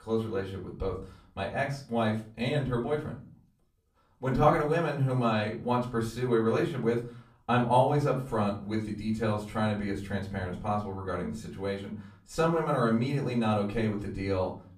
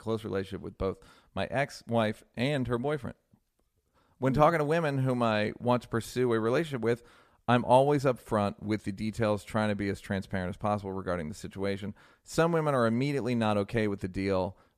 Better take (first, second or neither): second